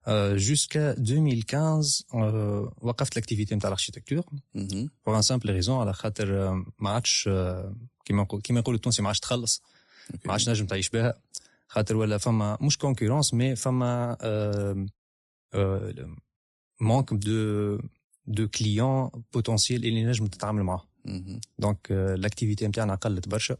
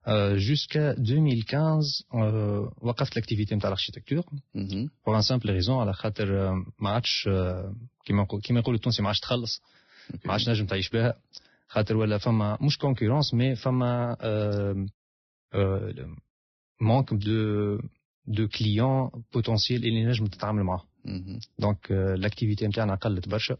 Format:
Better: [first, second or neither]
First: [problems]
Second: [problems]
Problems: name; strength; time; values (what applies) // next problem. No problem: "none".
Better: first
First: garbled, watery; slightly; nothing above 10.5 kHz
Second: garbled, watery; badly; nothing above 5.5 kHz